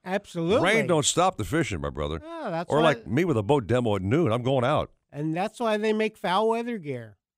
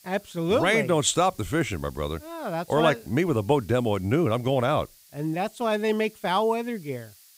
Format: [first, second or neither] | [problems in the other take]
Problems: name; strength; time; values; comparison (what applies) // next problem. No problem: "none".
first | hiss; faint; throughout; 25 dB below the speech